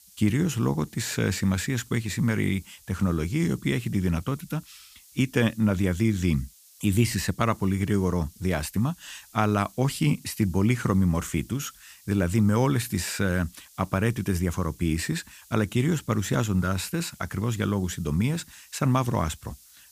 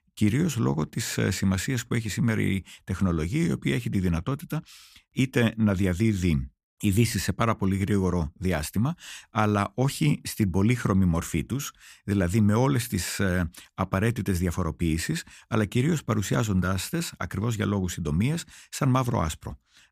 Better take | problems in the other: second | hiss; faint; throughout; 25 dB below the speech

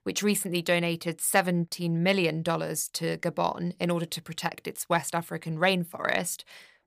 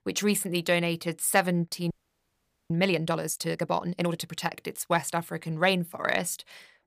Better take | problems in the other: first | audio freezing; at 2 s for 1 s

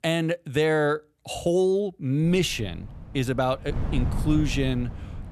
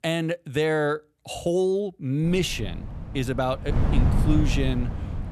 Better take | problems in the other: first | wind noise on the microphone; heavy; from 2 s on; 9 dB below the speech; occasional gusts in the first

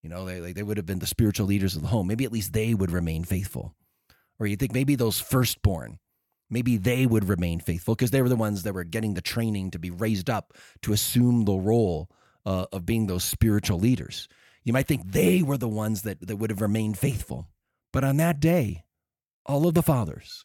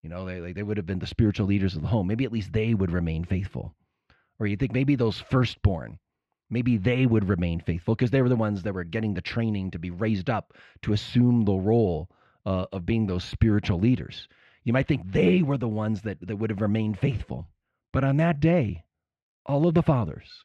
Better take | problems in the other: first | muffled; slightly; fading above 3.5 kHz

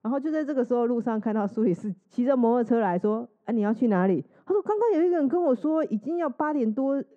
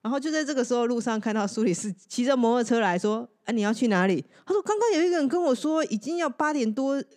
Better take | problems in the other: second | muffled; very; fading above 2 kHz

